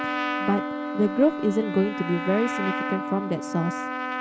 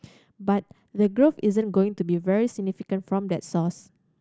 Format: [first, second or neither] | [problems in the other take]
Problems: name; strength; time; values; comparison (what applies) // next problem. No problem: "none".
second | background sound (Wind instrument, woodwind instrument + Trumpet); 4 dB below the speech